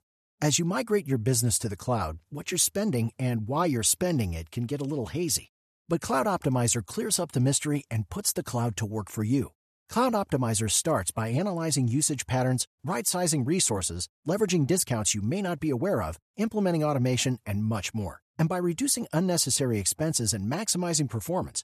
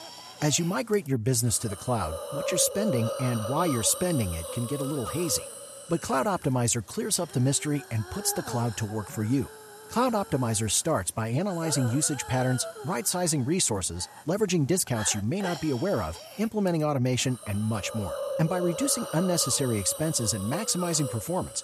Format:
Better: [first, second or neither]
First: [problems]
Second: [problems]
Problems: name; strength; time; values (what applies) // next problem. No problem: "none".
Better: first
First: none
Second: hiss; loud; throughout; 10 dB below the speech